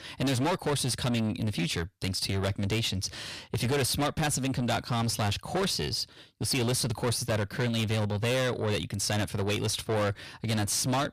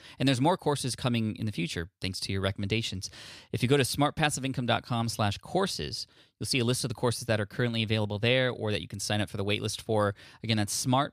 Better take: second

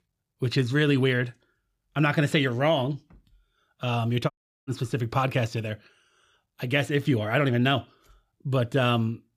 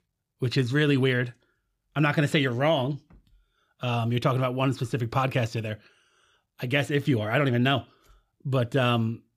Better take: second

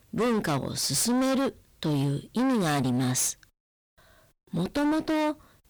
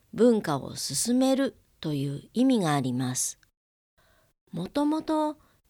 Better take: second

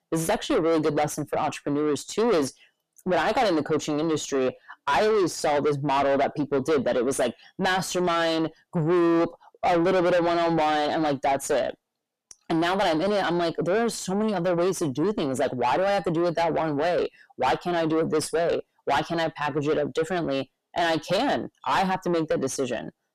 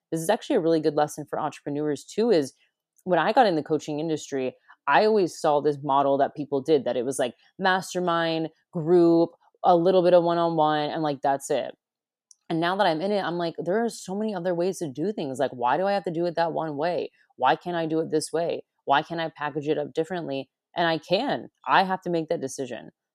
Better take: second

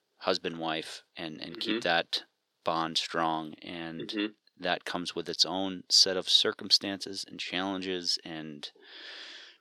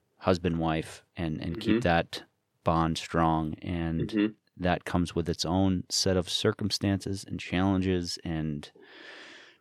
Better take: second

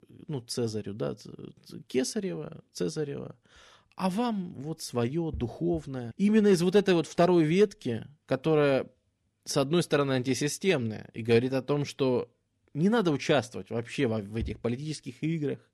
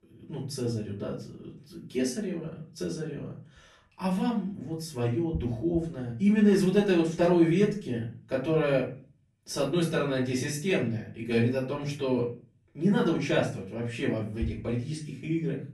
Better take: first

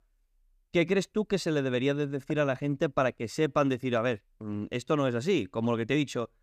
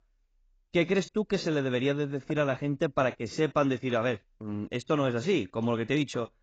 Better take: first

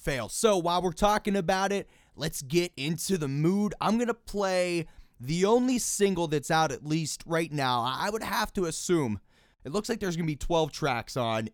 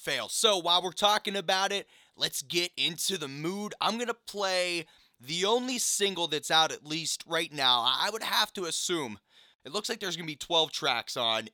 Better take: first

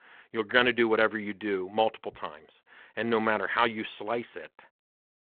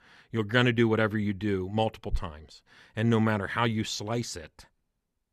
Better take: second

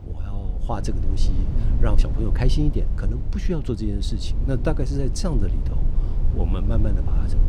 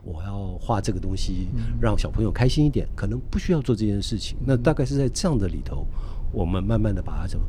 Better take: second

